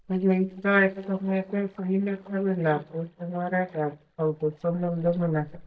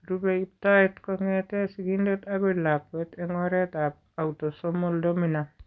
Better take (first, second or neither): second